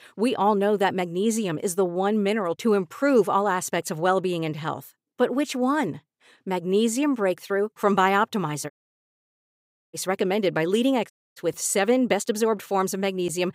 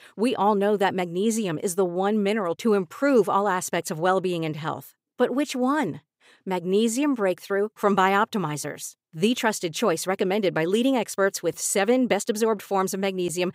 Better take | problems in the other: second | audio cutting out; at 8.5 s for 1 s and at 11 s

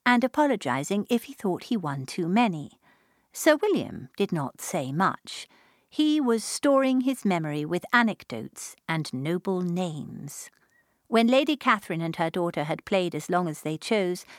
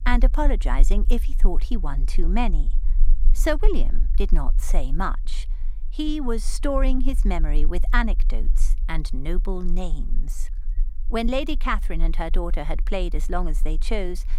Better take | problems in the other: first | low rumble; faint; throughout; 25 dB below the speech

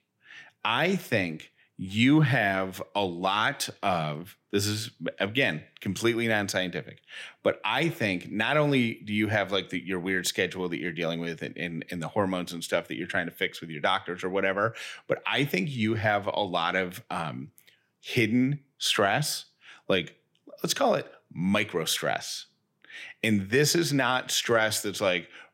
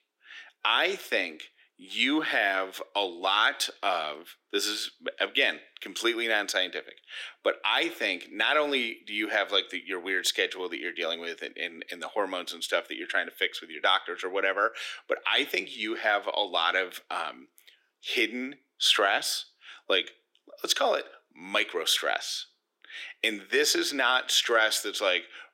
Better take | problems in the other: first | thin; somewhat; fading below 300 Hz

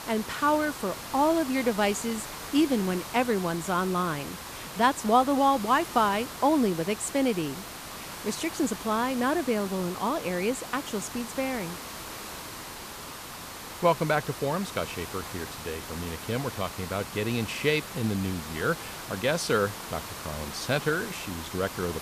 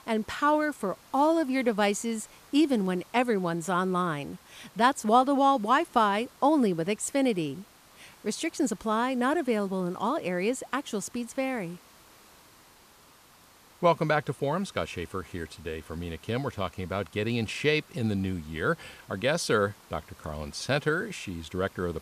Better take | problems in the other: second | hiss; loud; throughout; 10 dB below the speech; faint in the second

